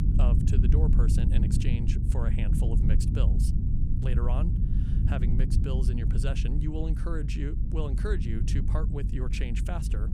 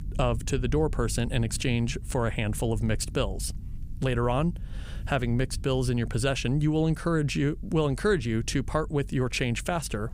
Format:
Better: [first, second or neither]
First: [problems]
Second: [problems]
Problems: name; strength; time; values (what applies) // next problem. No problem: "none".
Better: second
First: low rumble; loud; throughout; 2 dB below the speech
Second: low rumble; faint; throughout; 25 dB below the speech